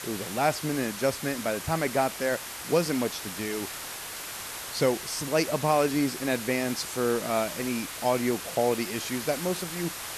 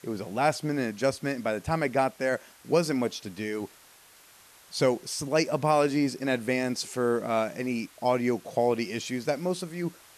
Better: second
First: hiss; loud; throughout; 7 dB below the speech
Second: hiss; faint; throughout; 25 dB below the speech

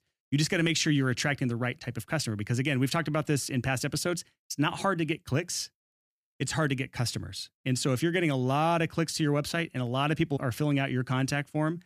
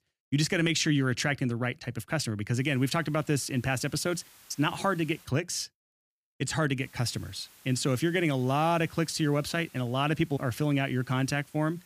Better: first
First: none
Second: hiss; faint; from 2.5 to 5.5 s and from 7 s on; 25 dB below the speech

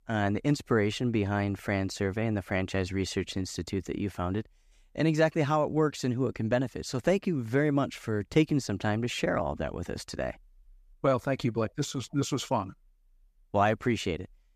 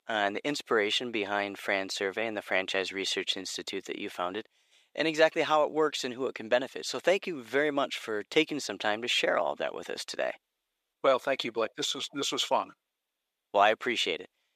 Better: first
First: none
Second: thin; somewhat; fading below 500 Hz

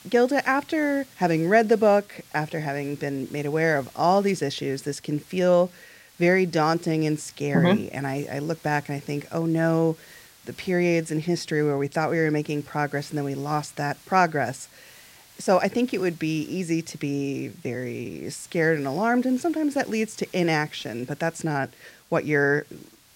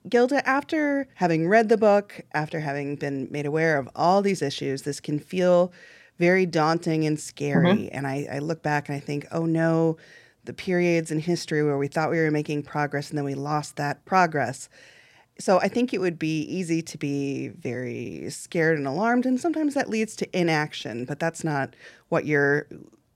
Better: second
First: hiss; faint; throughout; 25 dB below the speech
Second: none

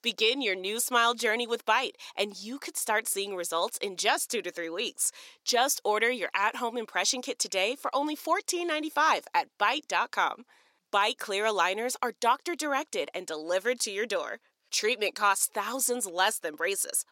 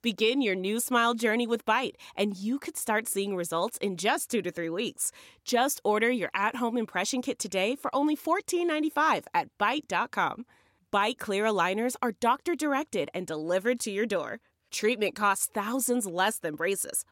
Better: second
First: thin; somewhat; fading below 450 Hz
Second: none

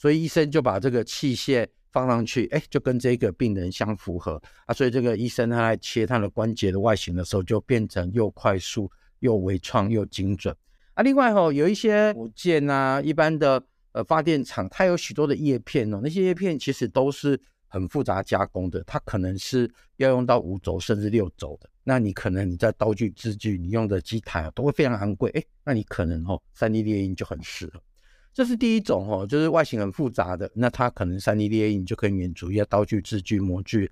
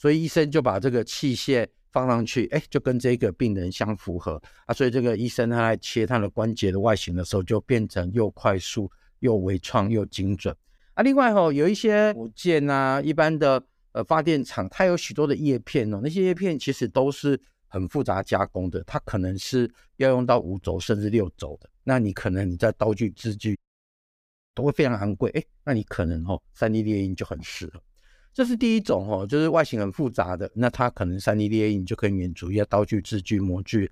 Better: first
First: none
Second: audio cutting out; at 24 s for 1 s

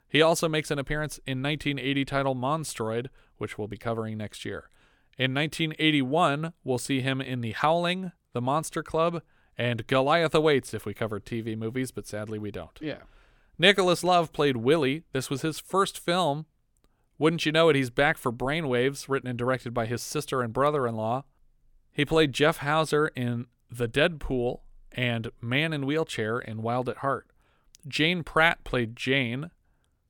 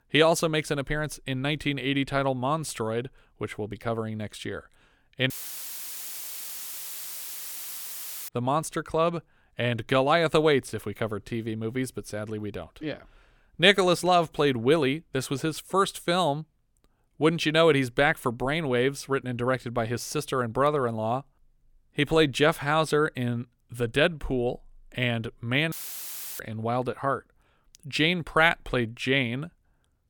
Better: first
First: none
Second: audio cutting out; filled with static; at 5.5 s for 3 s and at 26 s for 0.5 s

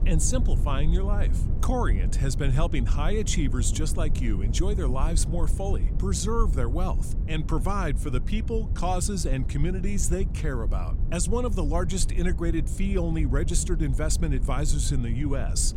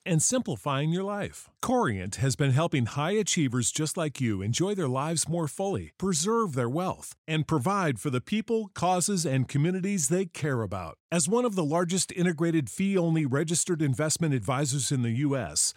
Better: second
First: low rumble; noticeable; throughout; 10 dB below the speech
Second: none

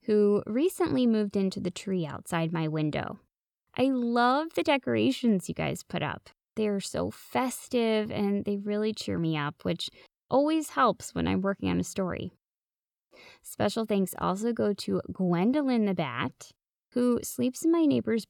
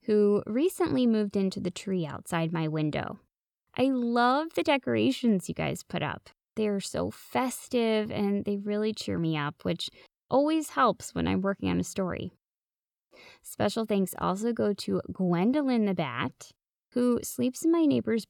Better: neither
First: none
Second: none

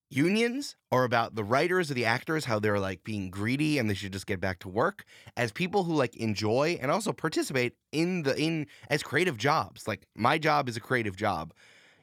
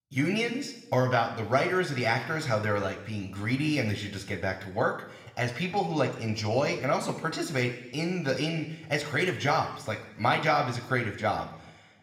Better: first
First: none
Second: room echo; slight; dies away in 1 s

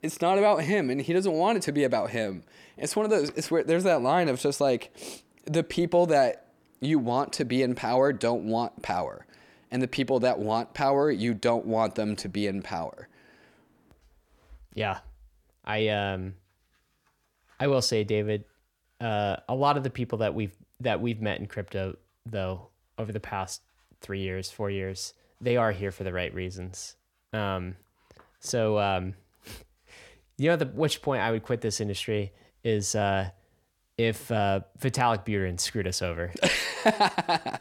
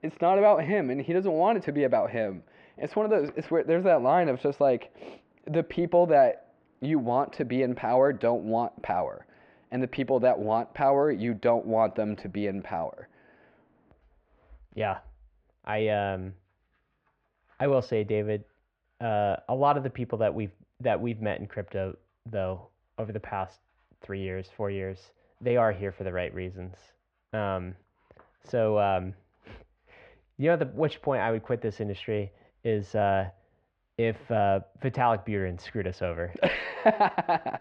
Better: first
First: none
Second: muffled; very; fading above 2.5 kHz

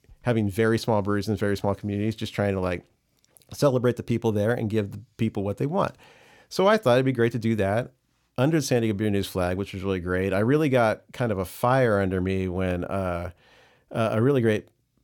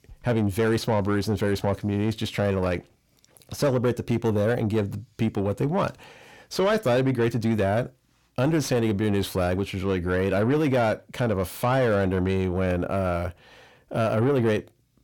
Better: first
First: none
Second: distortion; slight; 10 dB below the speech

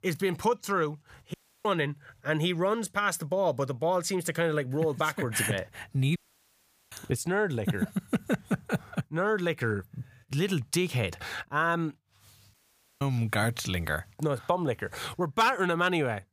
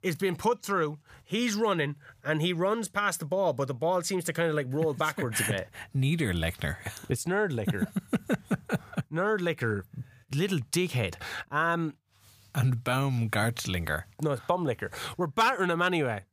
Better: second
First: audio cutting out; at 1.5 s, at 6 s for 1 s and at 13 s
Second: none

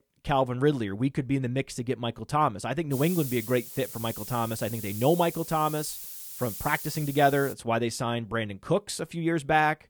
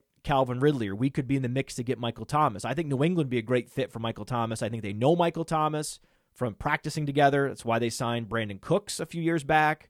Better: second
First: hiss; loud; from 3 to 7.5 s; 9 dB below the speech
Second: none

